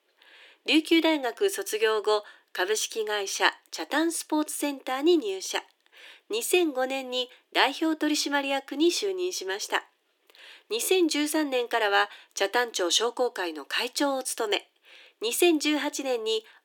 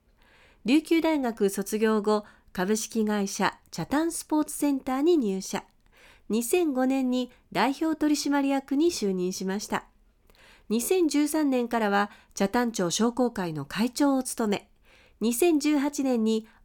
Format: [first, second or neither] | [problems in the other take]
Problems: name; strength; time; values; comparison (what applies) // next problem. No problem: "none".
second | thin; somewhat; fading below 300 Hz